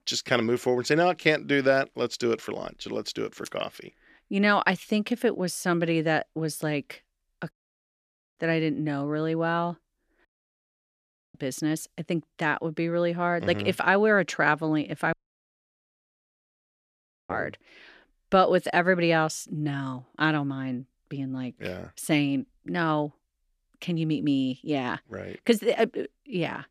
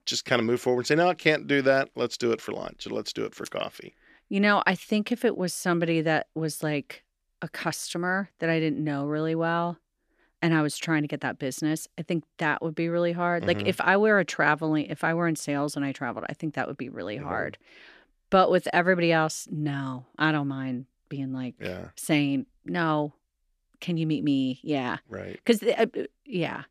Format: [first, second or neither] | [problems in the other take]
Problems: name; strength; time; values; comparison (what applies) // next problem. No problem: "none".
second | audio cutting out; at 7.5 s for 1 s, at 10 s for 1 s and at 15 s for 2 s